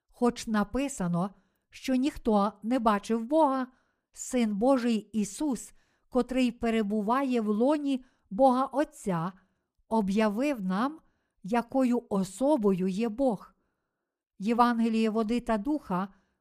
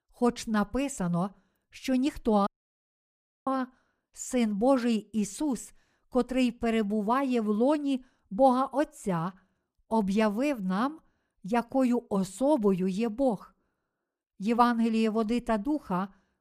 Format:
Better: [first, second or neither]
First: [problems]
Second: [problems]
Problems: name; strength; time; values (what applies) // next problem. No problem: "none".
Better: first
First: none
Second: audio cutting out; at 2.5 s for 1 s